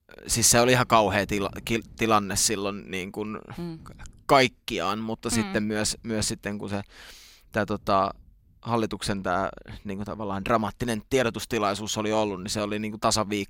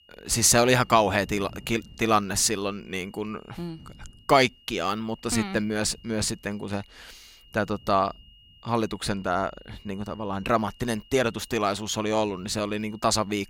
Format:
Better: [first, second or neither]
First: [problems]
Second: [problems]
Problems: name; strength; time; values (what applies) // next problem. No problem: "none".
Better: first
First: none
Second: high-pitched whine; faint; throughout; 3 kHz, 30 dB below the speech